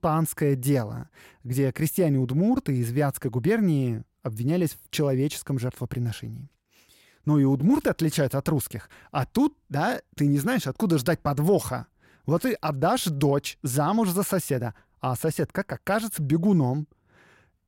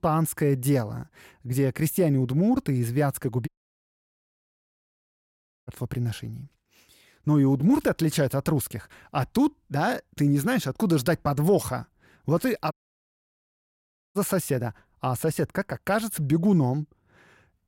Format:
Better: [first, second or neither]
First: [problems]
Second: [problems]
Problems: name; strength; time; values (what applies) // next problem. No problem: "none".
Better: first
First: none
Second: audio cutting out; at 3.5 s for 2 s and at 13 s for 1.5 s